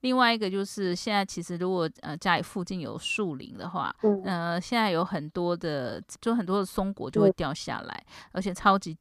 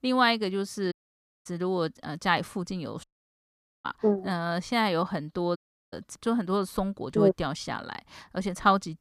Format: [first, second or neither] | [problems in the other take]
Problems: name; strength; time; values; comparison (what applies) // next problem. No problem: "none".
first | audio cutting out; at 1 s for 0.5 s, at 3 s for 1 s and at 5.5 s